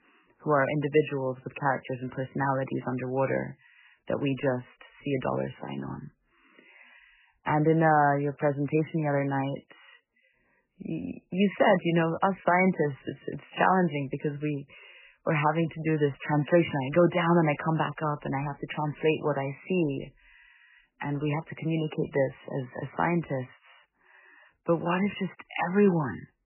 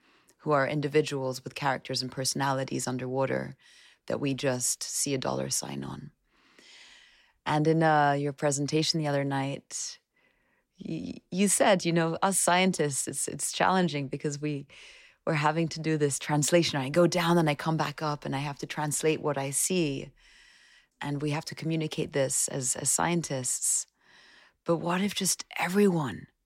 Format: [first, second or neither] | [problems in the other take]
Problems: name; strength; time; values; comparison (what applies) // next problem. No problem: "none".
second | garbled, watery; badly; nothing above 3 kHz